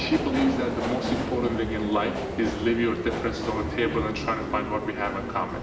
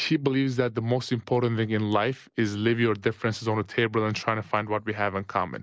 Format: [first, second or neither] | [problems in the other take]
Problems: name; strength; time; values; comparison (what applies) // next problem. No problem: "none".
second | background sound (Subway, metro, underground); 4 dB below the speech // room echo; dies away in 0.8 s